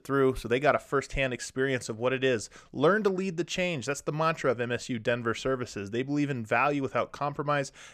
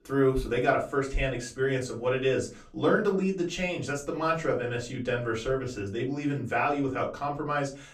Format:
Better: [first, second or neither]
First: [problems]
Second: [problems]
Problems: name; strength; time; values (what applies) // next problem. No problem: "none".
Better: first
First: none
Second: off-mic speech; far // room echo; very slight; dies away in 0.3 s